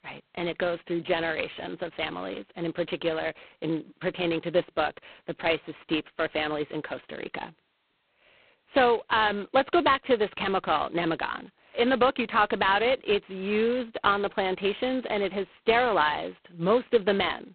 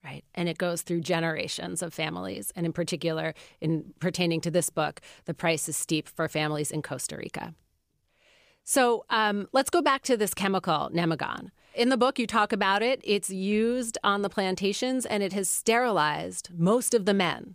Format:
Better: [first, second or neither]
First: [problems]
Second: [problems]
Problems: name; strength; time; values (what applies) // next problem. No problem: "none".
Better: second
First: phone-call audio; poor line; nothing above 4 kHz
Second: none